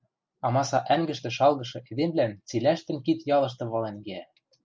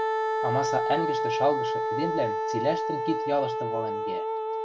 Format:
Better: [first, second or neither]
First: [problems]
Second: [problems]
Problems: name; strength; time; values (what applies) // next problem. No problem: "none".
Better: first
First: none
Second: background sound (Wind instrument, woodwind instrument); 3 dB above the speech